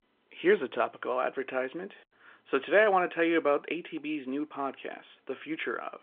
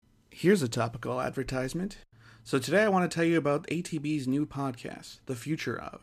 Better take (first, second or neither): second